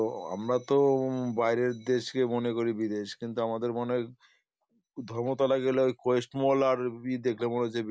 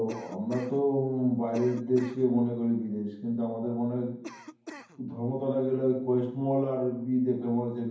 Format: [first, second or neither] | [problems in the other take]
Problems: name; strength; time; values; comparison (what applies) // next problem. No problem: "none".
first | background sound (Cough); 18 dB below the speech // room echo; dies away in 0.9 s